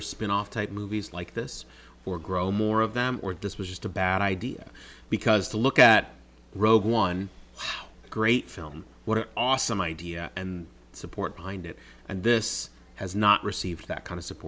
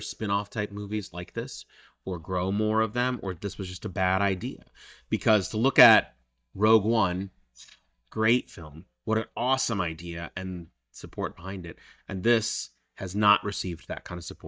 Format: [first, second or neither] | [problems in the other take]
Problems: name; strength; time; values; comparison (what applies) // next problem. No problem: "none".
first | noise reduction (neural mask model DeepFilterNet 3)